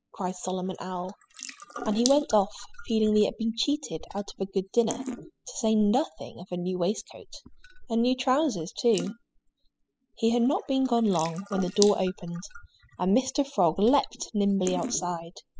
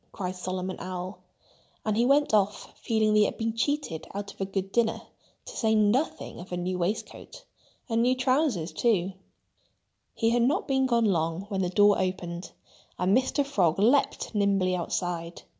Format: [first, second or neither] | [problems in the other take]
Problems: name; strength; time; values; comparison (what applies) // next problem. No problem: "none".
second | noise reduction (classical method spectral subtraction)